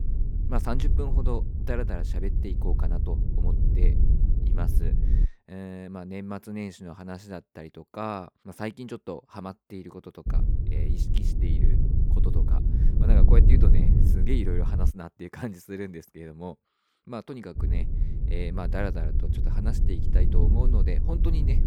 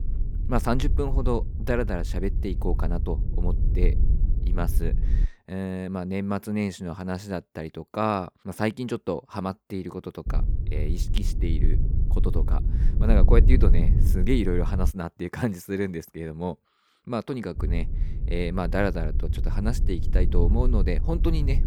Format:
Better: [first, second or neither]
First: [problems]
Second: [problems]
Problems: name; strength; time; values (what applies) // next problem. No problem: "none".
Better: second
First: wind noise on the microphone; heavy; until 5.5 s, from 10 to 15 s and from 18 s on; 4 dB below the speech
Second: wind noise on the microphone; occasional gusts; until 5.5 s, from 10 to 15 s and from 18 s on; 10 dB below the speech